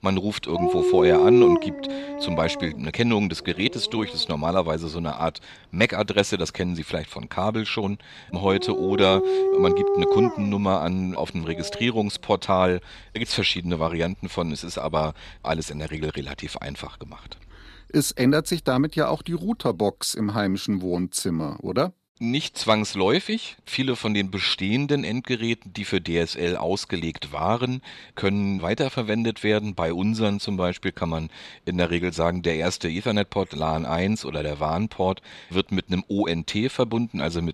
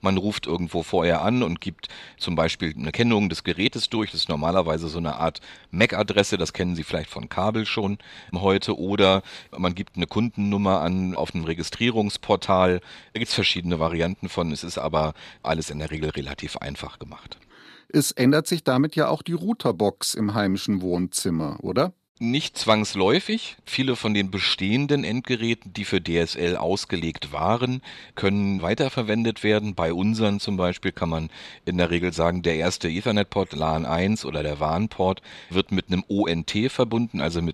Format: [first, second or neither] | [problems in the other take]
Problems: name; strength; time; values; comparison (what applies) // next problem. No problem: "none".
second | animal sounds; very loud; until 20 s; 3 dB above the speech